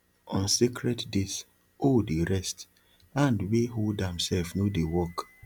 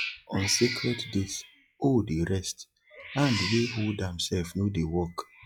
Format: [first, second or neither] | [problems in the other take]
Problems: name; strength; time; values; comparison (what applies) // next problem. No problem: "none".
first | noise reduction (classical method log-MMSE)